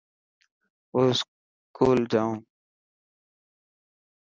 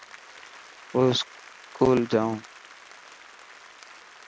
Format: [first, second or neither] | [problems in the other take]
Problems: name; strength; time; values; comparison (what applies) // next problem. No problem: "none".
first | background sound (Applause); 19 dB below the speech